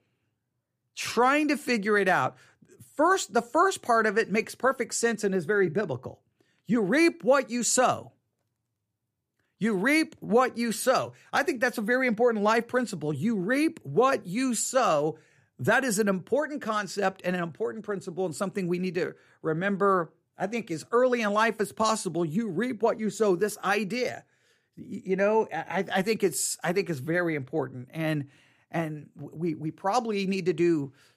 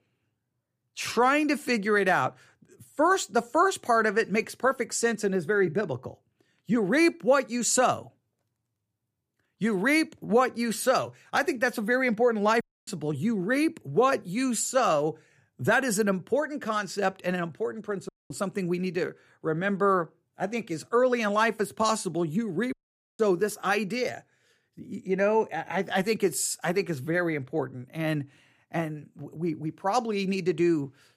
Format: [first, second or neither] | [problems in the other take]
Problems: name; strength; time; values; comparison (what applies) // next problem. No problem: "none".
first | audio cutting out; at 13 s, at 18 s and at 23 s